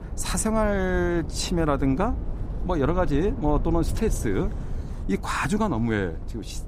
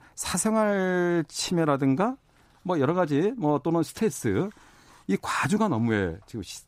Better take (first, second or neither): second